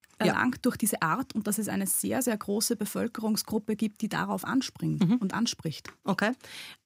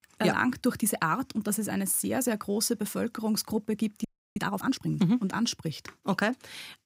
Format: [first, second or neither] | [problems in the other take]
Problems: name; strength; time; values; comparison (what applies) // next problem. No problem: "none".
first | audio freezing; at 4 s